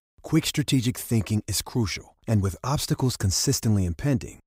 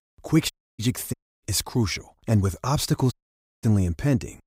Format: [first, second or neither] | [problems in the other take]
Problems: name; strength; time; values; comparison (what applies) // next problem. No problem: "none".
first | audio cutting out; at 0.5 s, at 1 s and at 3 s for 0.5 s